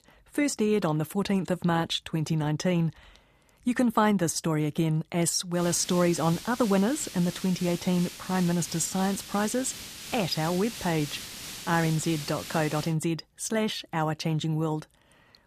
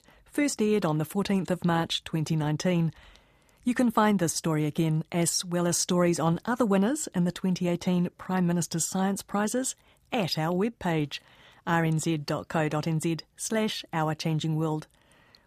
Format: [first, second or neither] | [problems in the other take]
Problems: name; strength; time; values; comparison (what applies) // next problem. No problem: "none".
second | hiss; noticeable; from 5.5 to 13 s; 10 dB below the speech